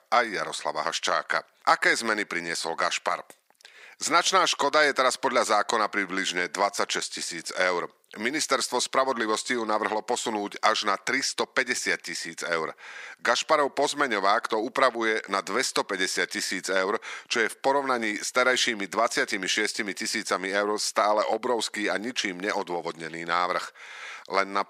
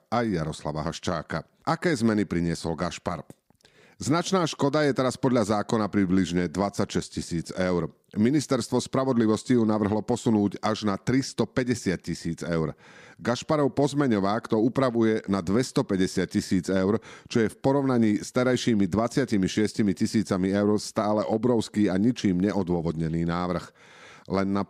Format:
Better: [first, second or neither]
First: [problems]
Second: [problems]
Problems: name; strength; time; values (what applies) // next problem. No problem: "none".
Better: second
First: thin; very; fading below 750 Hz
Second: none